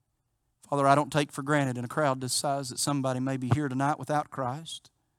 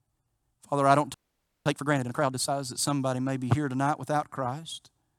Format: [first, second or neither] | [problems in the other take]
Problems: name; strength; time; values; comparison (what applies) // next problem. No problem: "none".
first | audio freezing; at 1 s for 0.5 s